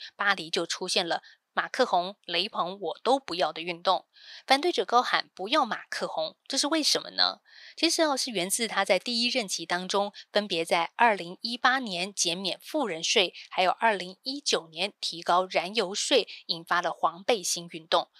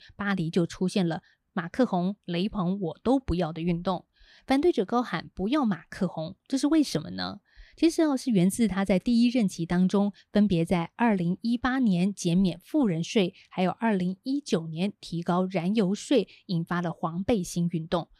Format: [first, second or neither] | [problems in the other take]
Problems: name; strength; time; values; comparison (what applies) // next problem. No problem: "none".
second | thin; very; fading below 700 Hz